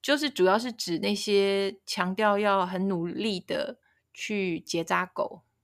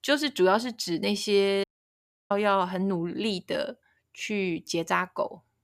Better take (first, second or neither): first